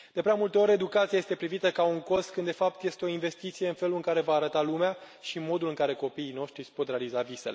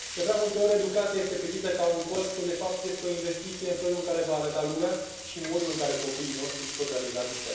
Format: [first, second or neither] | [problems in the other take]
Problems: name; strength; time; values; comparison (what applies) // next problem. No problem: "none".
first | background sound (Frying (food)); 9 dB below the speech // room echo; dies away in 0.9 s